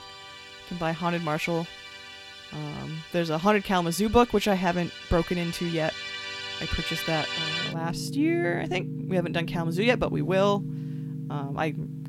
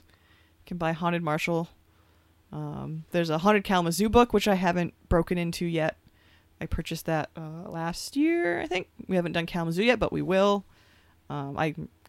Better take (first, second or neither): second